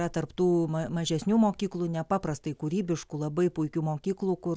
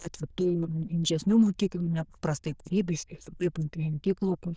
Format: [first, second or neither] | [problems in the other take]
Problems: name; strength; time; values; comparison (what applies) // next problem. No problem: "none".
first | noise reduction (neural diffusion model UNIVERSE++)